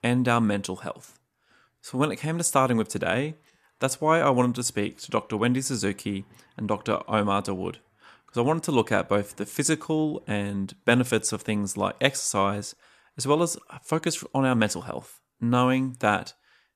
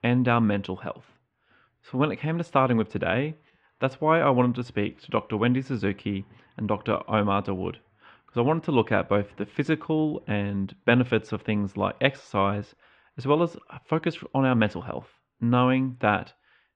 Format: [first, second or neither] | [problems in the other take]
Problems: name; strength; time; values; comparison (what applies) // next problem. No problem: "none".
first | muffled; very; fading above 3 kHz